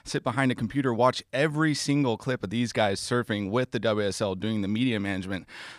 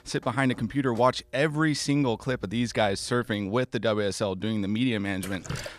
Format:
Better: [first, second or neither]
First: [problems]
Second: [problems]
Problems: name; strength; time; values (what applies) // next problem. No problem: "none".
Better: first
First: none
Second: rain or running water; noticeable; throughout; 20 dB below the speech